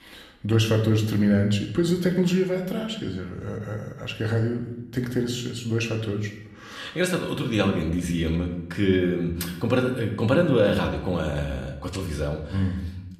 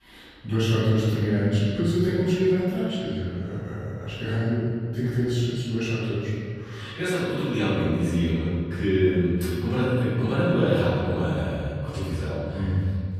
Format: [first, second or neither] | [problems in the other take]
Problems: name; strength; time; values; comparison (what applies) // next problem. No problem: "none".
first | room echo; strong; dies away in 2.1 s; slight in the first // off-mic speech; far